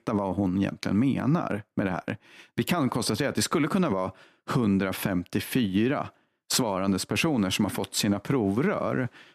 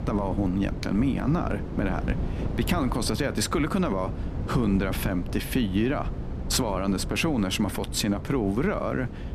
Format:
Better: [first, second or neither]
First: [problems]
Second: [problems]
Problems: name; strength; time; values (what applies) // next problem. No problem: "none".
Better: first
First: none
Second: wind noise on the microphone; occasional gusts; 10 dB below the speech